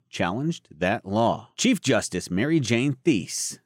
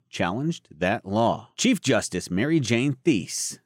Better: neither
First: none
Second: none

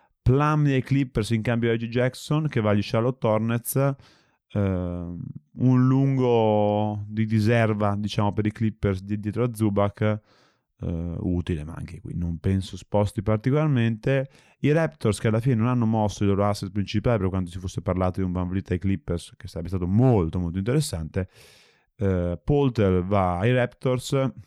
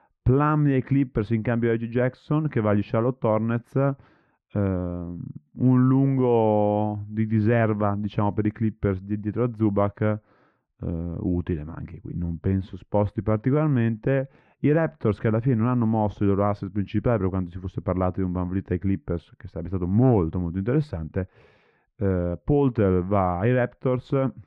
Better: first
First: none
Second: muffled; very; fading above 1.5 kHz

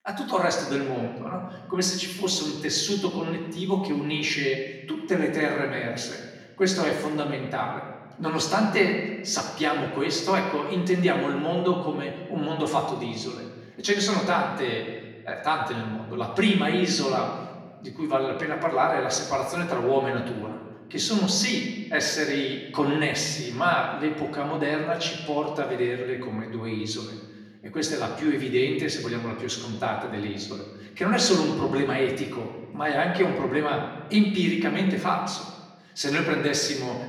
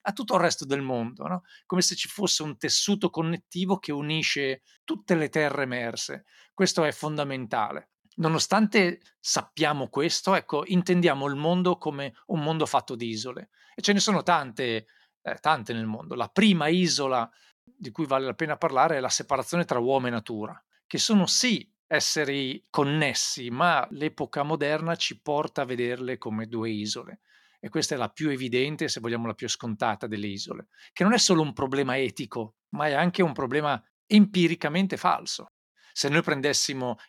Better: second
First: off-mic speech; far // room echo; noticeable; dies away in 1.2 s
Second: none

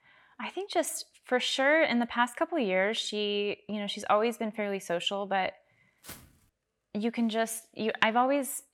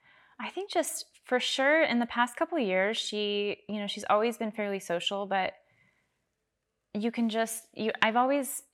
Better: second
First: footsteps; faint; at 6 s; peak 20 dB below the speech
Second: none

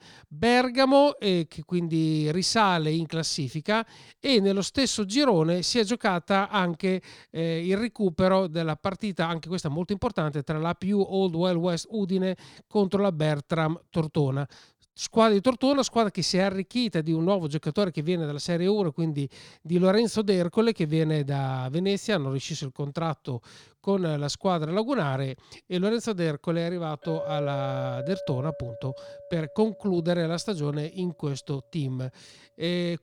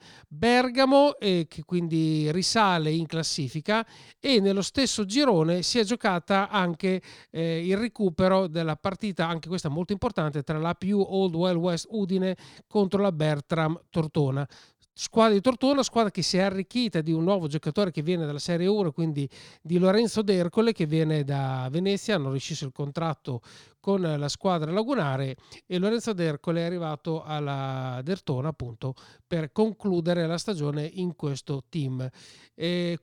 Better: second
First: clattering dishes; noticeable; from 27 to 30 s; peak 6 dB below the speech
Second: none

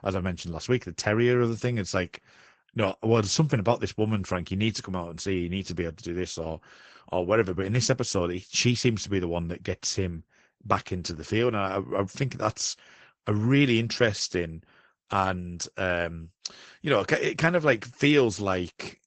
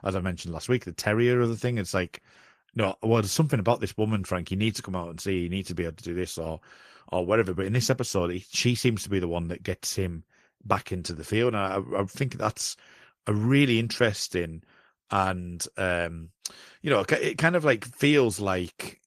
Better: second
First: garbled, watery; badly; nothing above 7.5 kHz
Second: garbled, watery; slightly; nothing above 14.5 kHz

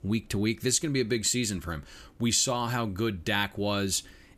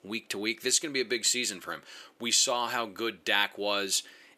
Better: first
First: none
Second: thin; somewhat; fading below 450 Hz

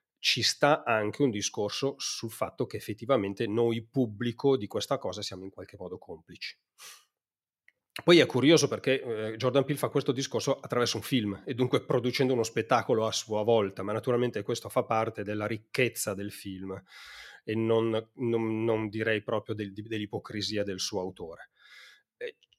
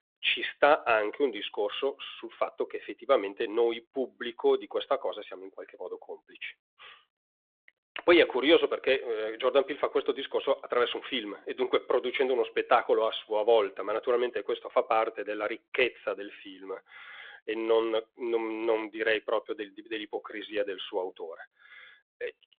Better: first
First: none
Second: phone-call audio

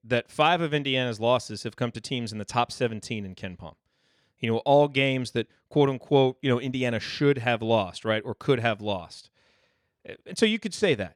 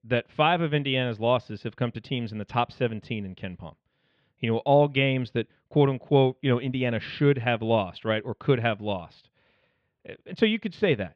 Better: first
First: none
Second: muffled; slightly; fading above 3 kHz

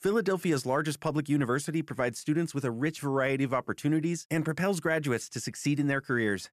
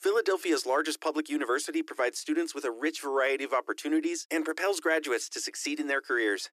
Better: first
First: none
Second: thin; somewhat; fading below 300 Hz

